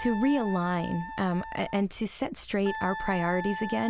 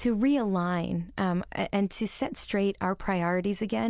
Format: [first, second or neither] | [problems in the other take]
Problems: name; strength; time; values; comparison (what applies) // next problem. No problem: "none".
second | background sound (Wind instrument, woodwind instrument); 9 dB below the speech